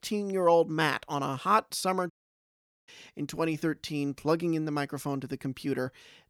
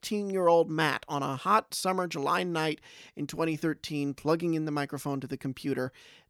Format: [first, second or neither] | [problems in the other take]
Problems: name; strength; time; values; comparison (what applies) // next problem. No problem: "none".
second | audio cutting out; at 2 s for 1 s